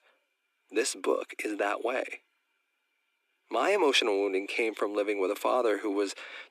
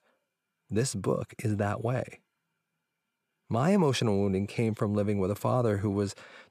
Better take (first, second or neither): second